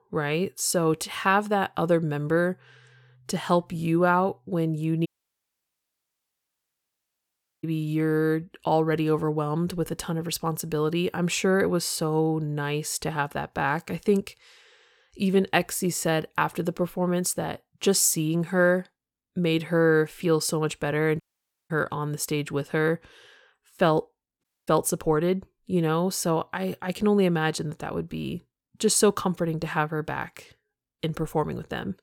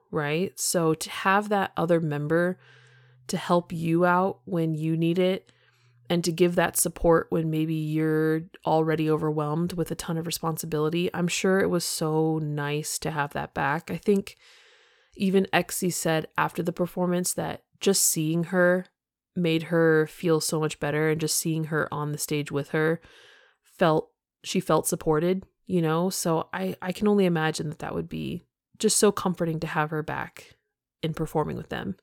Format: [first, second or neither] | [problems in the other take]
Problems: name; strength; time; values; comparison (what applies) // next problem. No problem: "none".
second | audio cutting out; at 5 s for 2.5 s, at 21 s for 0.5 s and at 24 s